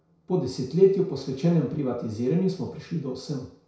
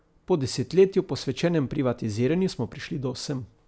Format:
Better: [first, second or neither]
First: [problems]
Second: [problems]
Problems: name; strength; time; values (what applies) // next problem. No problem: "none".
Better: second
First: room echo; dies away in 0.6 s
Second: none